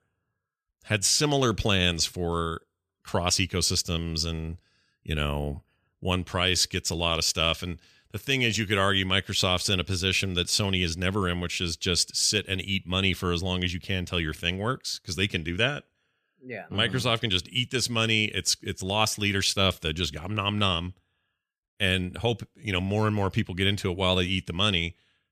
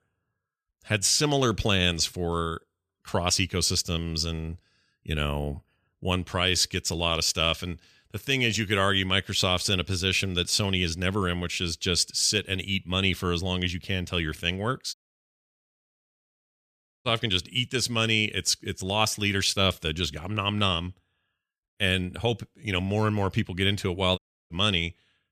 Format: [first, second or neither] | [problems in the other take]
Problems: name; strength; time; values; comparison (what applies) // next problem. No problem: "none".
first | audio cutting out; at 15 s for 2 s and at 24 s